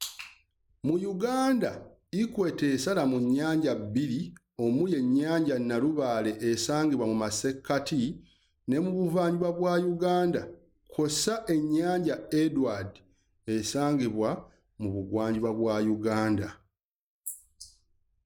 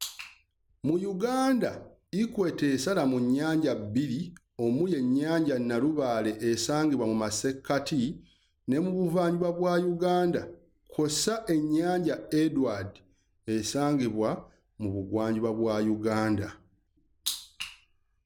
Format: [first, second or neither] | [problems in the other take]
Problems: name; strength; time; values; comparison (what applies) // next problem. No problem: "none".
second | noise reduction (neural mask model Resemble Enhance denoiser)